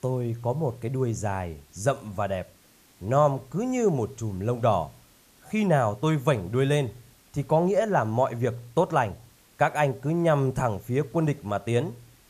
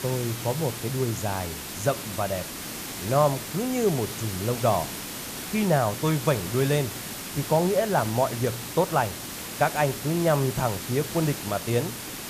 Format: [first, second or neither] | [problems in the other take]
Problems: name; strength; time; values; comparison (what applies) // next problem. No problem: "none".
first | hiss; loud; throughout; 7 dB below the speech; faint in the first